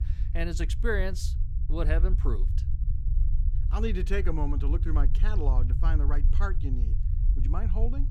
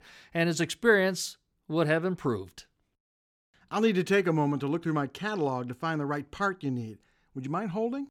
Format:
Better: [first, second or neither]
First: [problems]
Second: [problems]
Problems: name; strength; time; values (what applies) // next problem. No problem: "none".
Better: second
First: low rumble; noticeable; throughout; 10 dB below the speech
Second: none